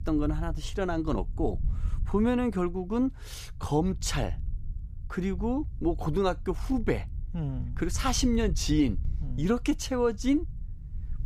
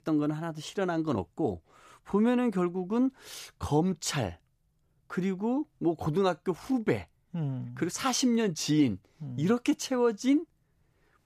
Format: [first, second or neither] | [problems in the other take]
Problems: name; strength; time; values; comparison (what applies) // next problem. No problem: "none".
second | wind noise on the microphone; occasional gusts; 25 dB below the speech